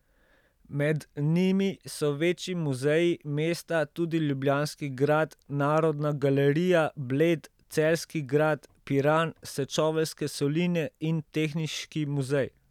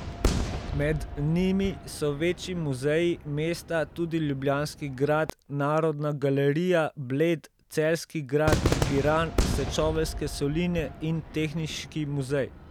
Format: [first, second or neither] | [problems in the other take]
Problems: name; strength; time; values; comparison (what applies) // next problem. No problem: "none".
first | background sound (Cheering / Fireworks); 6 dB below the speech